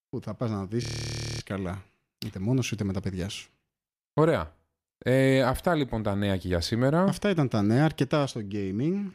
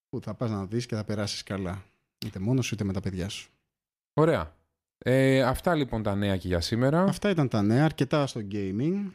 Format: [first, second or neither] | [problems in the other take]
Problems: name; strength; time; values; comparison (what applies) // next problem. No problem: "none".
second | audio freezing; at 1 s for 0.5 s